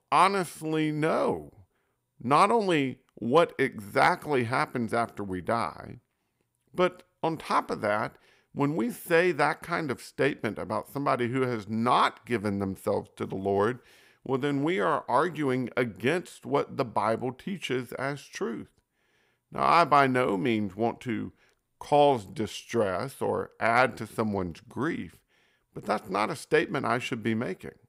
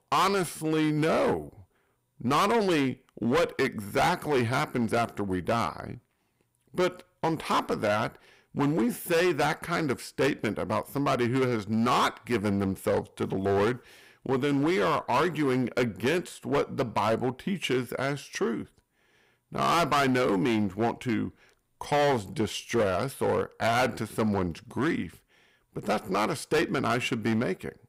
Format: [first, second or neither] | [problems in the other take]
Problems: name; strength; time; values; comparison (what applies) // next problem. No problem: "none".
first | distortion; heavy; 11% of the sound clipped